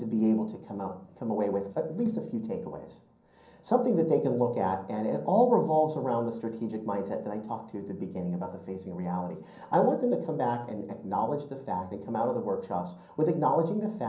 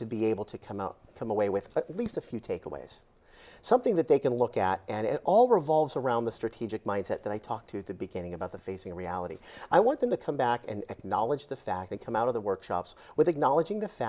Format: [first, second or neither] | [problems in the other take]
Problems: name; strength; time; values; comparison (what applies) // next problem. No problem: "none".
second | room echo; dies away in 0.6 s